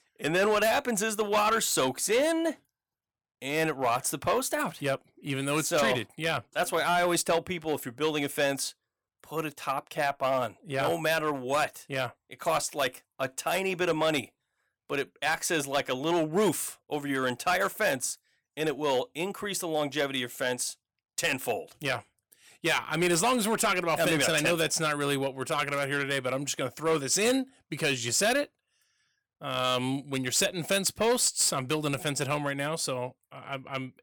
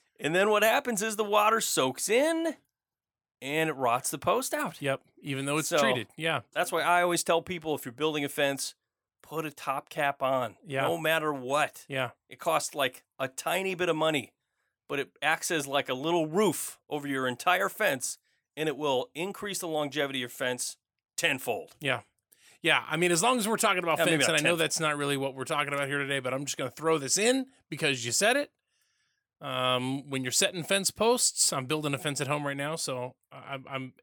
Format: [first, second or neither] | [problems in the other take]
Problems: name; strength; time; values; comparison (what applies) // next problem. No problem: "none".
second | distortion; slight; 4% of the sound clipped